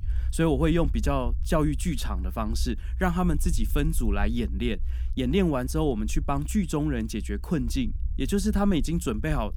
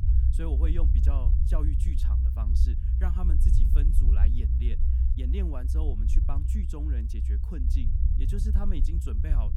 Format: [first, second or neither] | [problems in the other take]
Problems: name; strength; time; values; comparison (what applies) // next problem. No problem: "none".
first | low rumble; loud; throughout; 1 dB below the speech; faint in the first